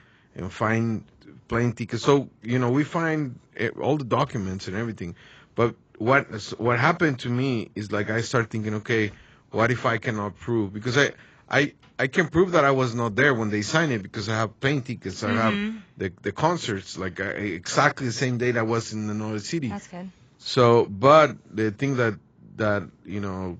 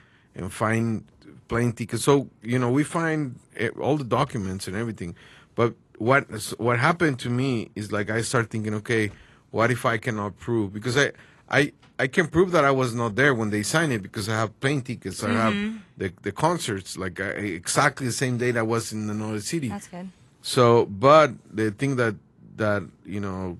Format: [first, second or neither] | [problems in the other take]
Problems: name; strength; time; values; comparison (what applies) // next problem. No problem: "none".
second | garbled, watery; badly; nothing above 7.5 kHz; slightly in the second